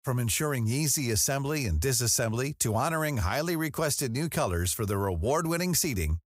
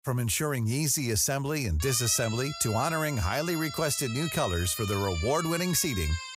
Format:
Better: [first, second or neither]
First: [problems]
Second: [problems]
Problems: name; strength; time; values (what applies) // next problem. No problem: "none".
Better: first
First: none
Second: siren; noticeable; from 2 s on; peak 8 dB below the speech